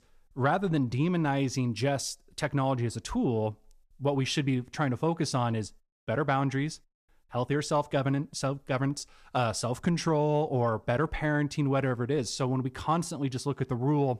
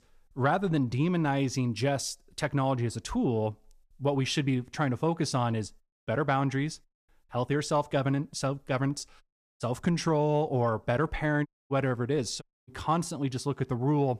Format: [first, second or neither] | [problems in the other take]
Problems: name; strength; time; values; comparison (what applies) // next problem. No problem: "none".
first | audio cutting out; at 9 s, at 11 s and at 12 s